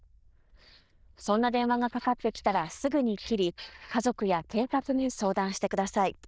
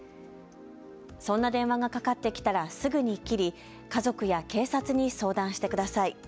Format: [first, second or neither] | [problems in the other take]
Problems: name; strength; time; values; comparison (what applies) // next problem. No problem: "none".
second | noise reduction (neural diffusion model UNIVERSE++)